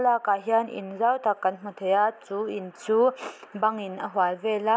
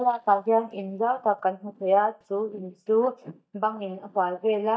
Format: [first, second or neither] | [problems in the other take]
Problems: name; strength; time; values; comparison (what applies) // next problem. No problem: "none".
first | noise reduction (neural mask model DeepFilterNet 3)